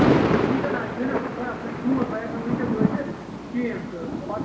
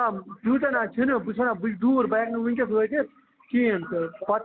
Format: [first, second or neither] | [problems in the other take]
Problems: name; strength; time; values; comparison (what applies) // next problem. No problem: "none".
second | background sound (Thunder); 5 dB above the speech // room echo; dies away in 0.8 s